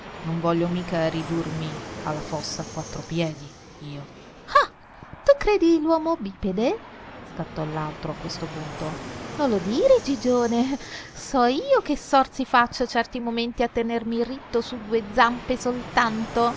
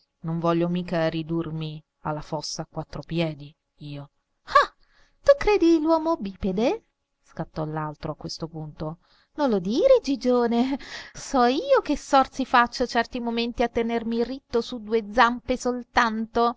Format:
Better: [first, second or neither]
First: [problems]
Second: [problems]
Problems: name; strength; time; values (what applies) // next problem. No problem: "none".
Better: second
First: background sound (Fixed-wing aircraft, airplane); 15 dB below the speech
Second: none